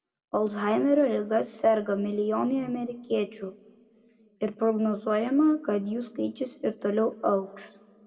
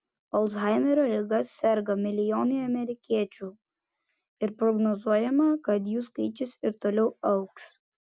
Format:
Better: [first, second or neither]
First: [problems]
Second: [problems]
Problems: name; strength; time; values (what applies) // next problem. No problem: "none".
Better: second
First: room echo; dies away in 0.8 s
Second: none